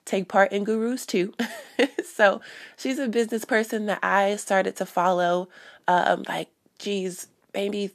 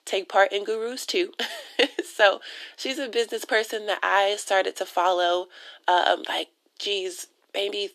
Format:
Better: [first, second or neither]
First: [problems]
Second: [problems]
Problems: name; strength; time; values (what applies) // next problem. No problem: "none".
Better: first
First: none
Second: thin; somewhat; fading below 300 Hz